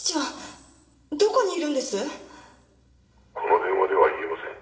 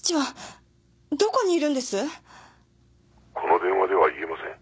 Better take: second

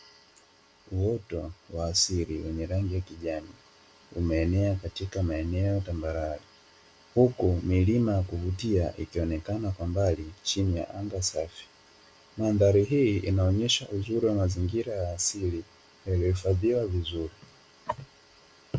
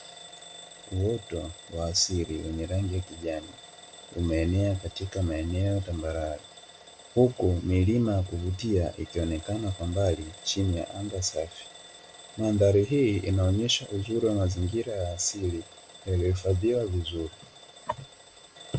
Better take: first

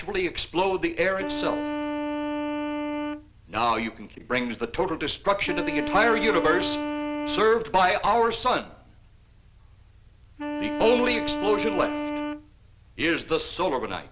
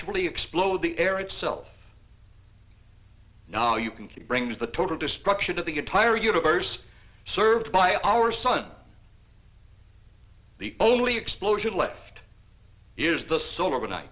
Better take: second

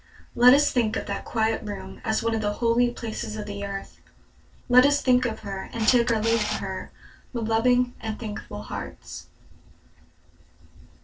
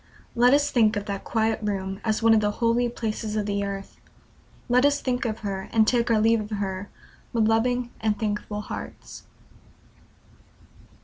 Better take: second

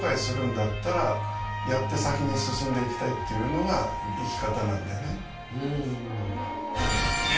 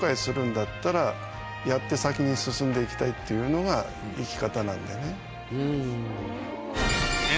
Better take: second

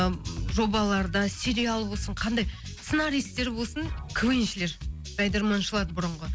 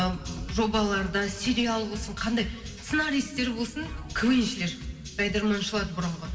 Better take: first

